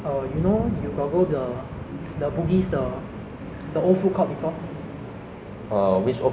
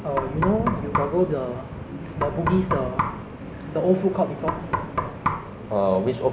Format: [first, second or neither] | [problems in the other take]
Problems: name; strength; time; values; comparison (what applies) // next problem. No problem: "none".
first | background sound (Knock); 5 dB below the speech